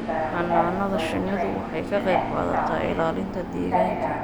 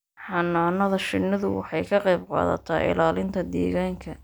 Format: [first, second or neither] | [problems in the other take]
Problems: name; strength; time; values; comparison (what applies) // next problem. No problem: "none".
second | background sound (Subway, metro, underground); 1 dB above the speech